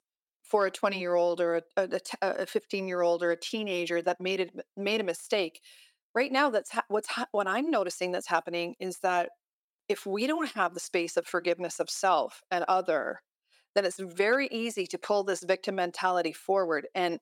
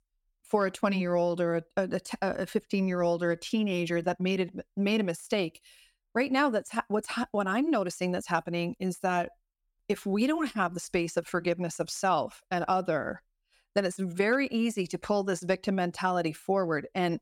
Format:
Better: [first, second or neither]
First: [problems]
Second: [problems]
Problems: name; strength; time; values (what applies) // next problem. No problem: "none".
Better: second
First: thin; somewhat; fading below 400 Hz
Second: none